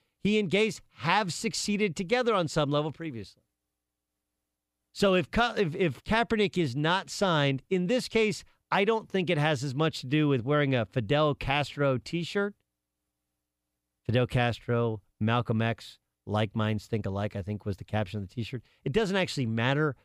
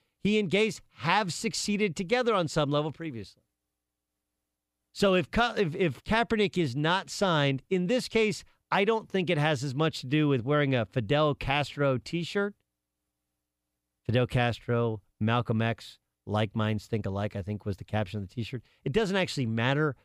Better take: neither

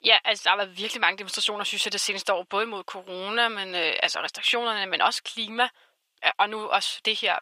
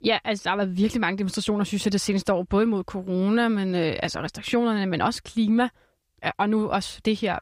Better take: second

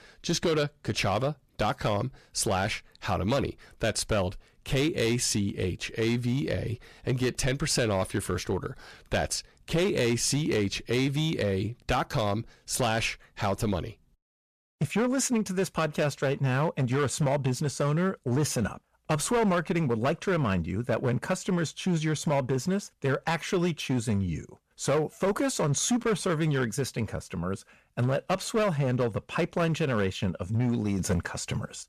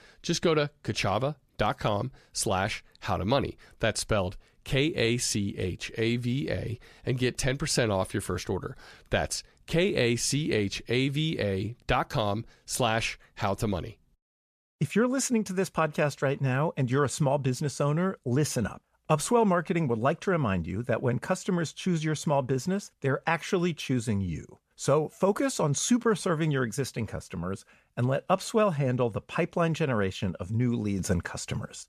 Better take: second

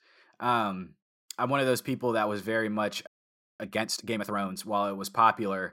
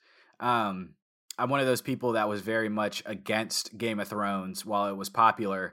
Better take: second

